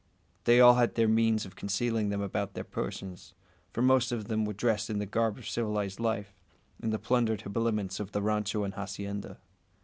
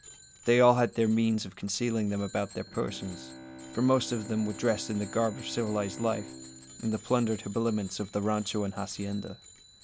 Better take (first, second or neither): first